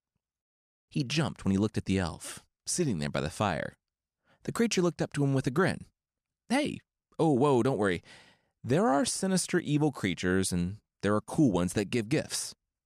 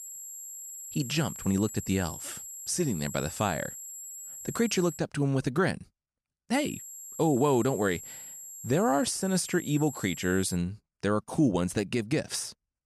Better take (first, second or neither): first